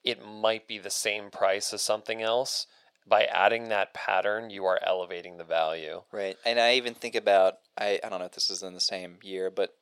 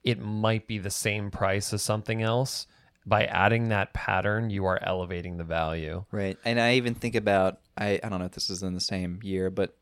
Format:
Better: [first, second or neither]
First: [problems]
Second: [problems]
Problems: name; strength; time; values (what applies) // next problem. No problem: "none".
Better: second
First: thin; very; fading below 450 Hz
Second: none